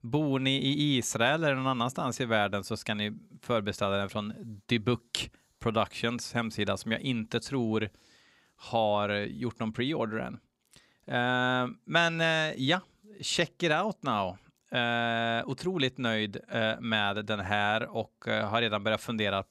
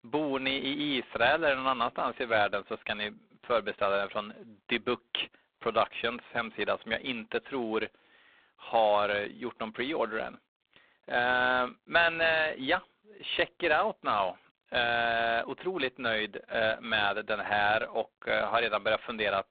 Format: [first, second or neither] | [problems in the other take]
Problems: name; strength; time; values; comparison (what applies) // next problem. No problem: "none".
first | phone-call audio; poor line; nothing above 3.5 kHz